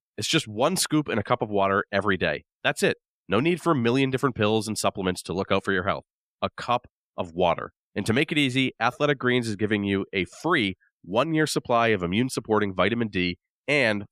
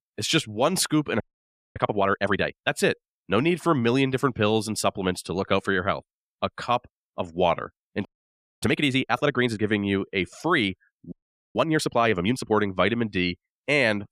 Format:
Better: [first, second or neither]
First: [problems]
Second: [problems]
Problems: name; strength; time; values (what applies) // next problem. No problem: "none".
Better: first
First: none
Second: audio freezing; at 1 s for 0.5 s, at 8 s for 0.5 s and at 11 s